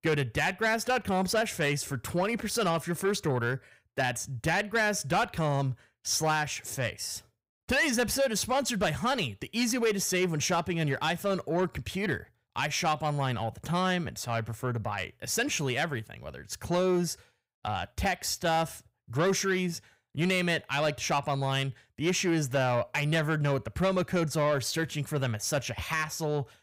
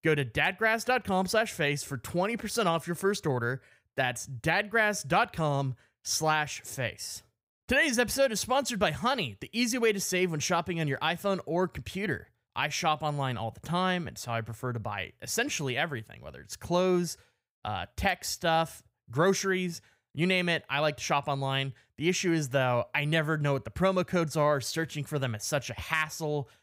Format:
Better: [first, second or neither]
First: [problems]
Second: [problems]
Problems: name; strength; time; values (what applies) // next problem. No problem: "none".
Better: second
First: distortion; slight; 10 dB below the speech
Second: none